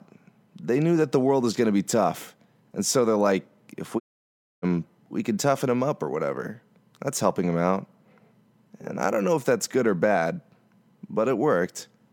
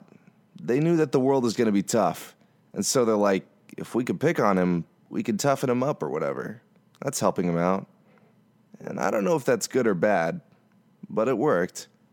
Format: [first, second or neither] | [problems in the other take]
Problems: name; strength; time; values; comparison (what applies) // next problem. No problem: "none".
second | audio cutting out; at 4 s for 0.5 s